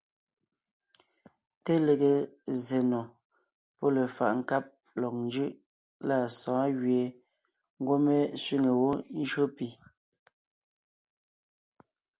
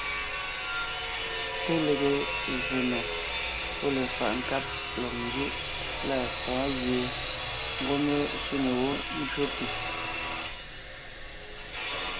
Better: first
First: none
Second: background sound (Sawing); as loud as the speech

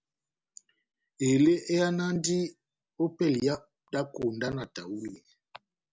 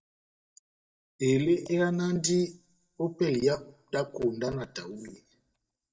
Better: first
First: none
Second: noise reduction (neural mask model DeepFilterNet 3)

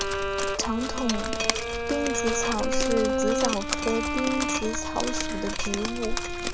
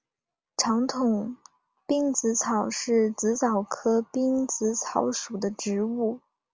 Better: second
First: background sound (Drip + Bowed string instrument); 3 dB above the speech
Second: none

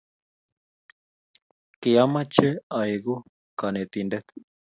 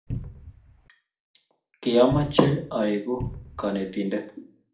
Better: first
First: none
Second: background sound (Cupboard open or close); 10 dB below the speech // room echo; dies away in 0.4 s

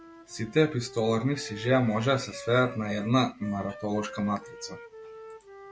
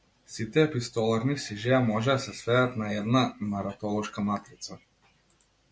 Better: second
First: background sound (Wind instrument, woodwind instrument); 17 dB below the speech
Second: none

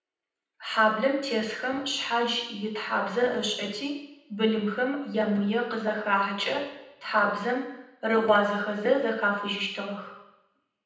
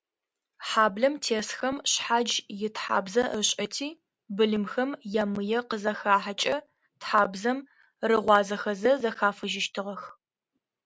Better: second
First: room echo; dies away in 0.8 s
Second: none

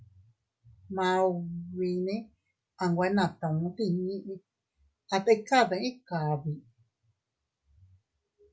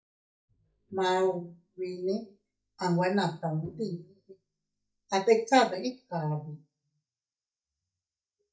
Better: first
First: none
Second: noise reduction (neural mask model DeepFilterNet 3)

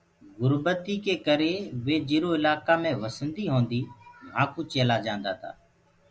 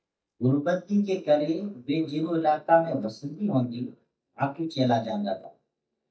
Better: first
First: none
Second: noise reduction (neural mask model DeepFilterNet 3)

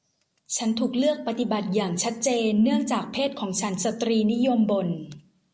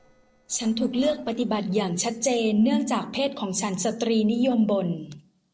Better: first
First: none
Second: noise reduction (neural separator model SepFormer DNS4)

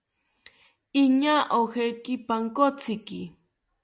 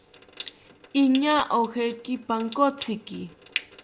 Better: first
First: none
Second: background sound (Trickle, dribble / Sink (filling or washing) / Water tap, faucet); 14 dB below the speech

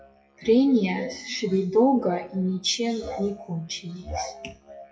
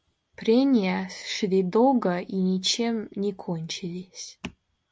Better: second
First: noise reduction (classical method WPE with log-MMSE)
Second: none

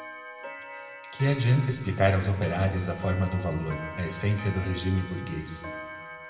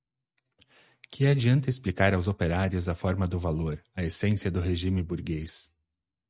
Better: second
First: background sound (Clock); 13 dB below the speech // room echo; dies away in 1.6 s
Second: none

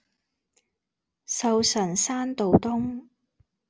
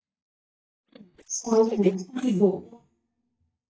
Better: first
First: none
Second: noise reduction (neural mask model DeepFilterNet 3)

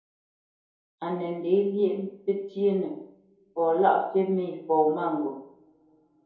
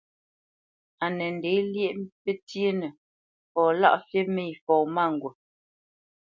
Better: second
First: room echo; dies away in 2.7 s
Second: none

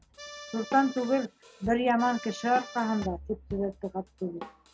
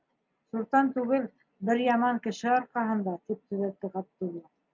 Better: second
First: background sound (Accordion + Drum kit); 14 dB below the speech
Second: none

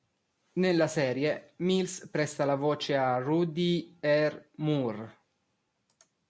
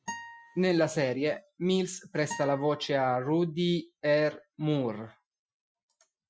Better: first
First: none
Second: noise reduction (classical method Wiener filter)

